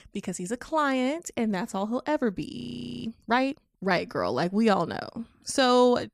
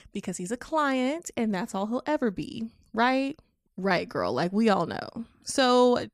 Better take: second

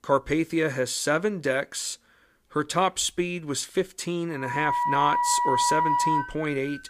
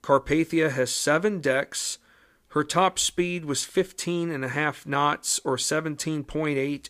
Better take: second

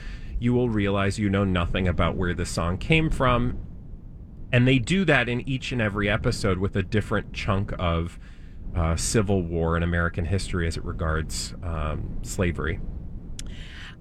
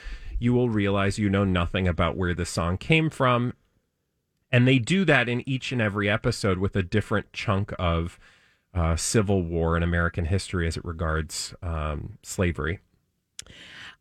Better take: second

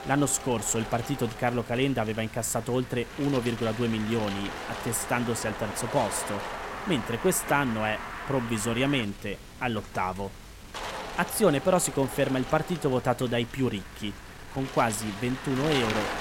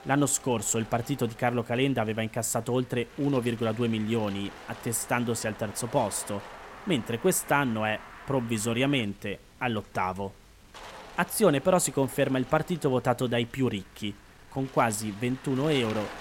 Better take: second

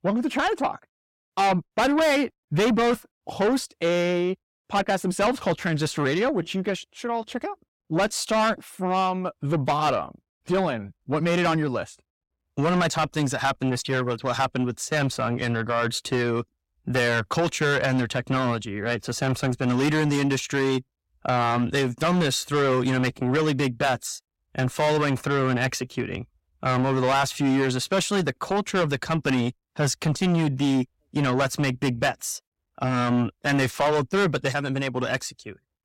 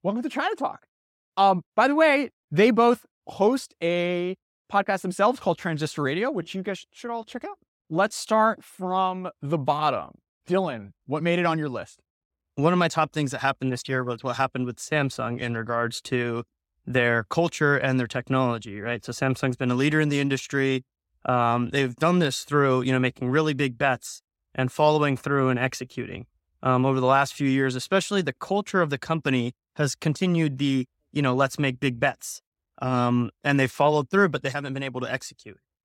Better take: second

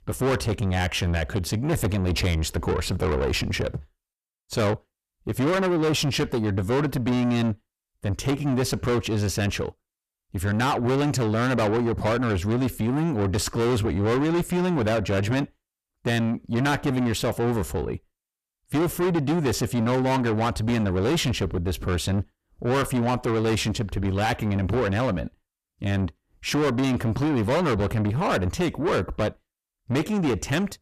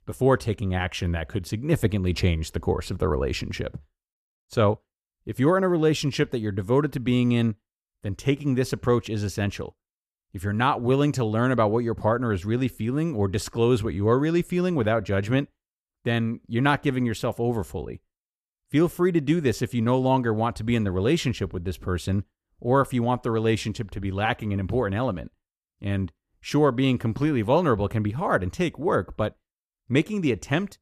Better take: second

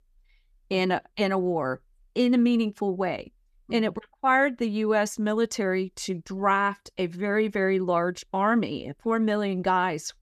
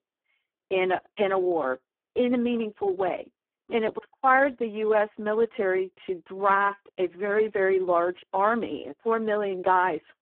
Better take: first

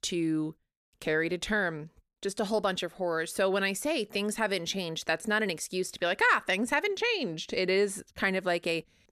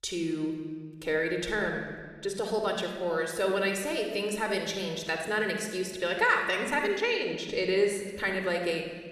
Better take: first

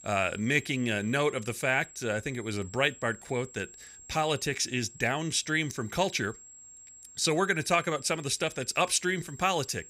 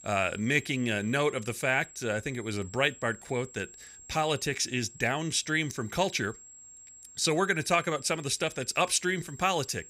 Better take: neither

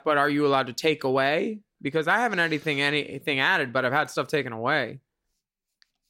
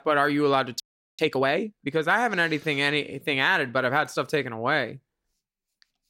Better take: first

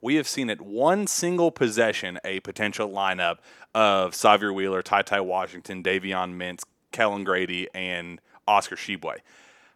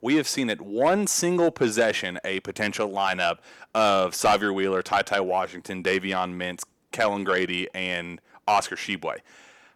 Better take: first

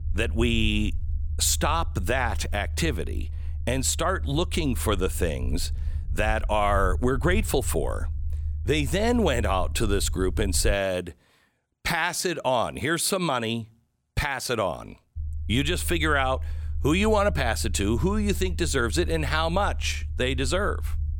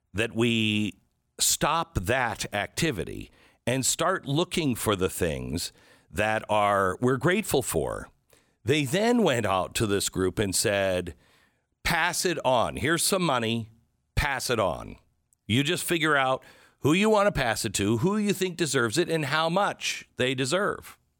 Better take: second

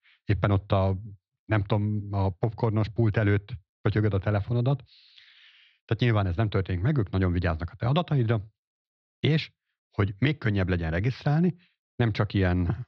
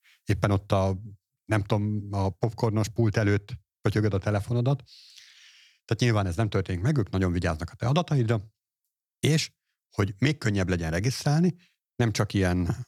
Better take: second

